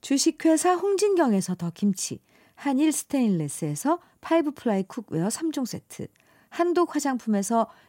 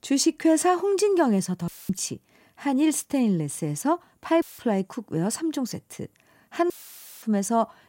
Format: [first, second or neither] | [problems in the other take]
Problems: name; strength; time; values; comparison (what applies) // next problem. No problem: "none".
first | audio cutting out; filled with static; at 1.5 s, at 4.5 s and at 6.5 s for 0.5 s